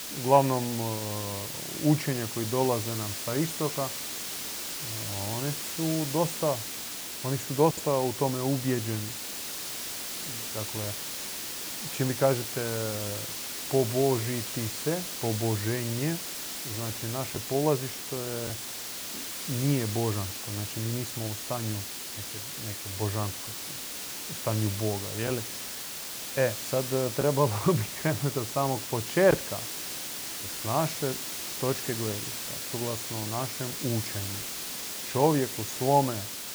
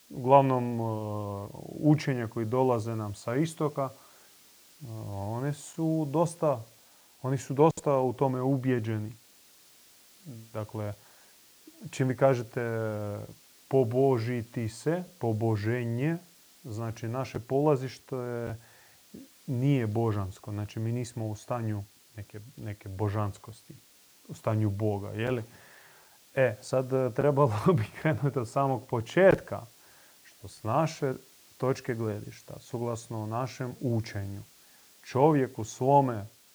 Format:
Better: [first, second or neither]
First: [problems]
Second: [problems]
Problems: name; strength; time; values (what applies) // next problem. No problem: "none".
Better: second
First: hiss; loud; throughout; 4 dB below the speech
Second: hiss; faint; throughout; 25 dB below the speech